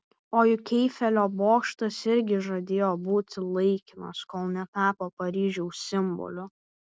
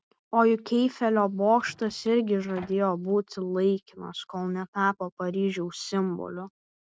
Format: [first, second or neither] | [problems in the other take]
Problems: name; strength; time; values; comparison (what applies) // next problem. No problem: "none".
first | noise reduction (neural mask model RNNoise)